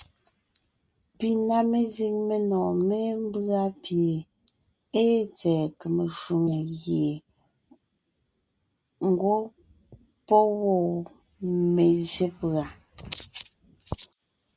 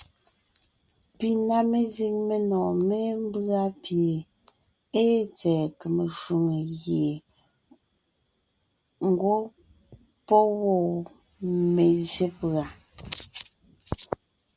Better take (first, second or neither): second